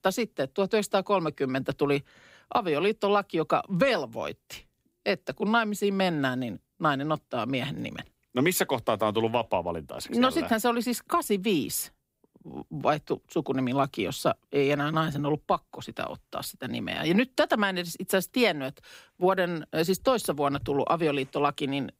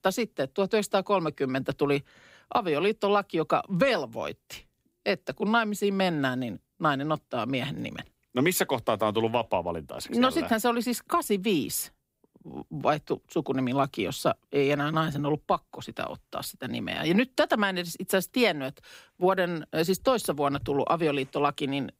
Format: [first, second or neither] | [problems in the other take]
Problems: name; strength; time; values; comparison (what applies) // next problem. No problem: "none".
neither | none